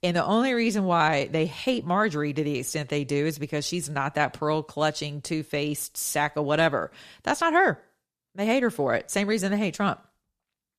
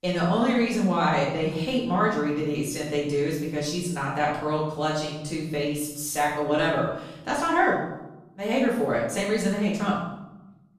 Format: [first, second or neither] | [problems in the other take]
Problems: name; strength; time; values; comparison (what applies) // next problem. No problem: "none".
first | off-mic speech; far // room echo; noticeable; dies away in 0.8 s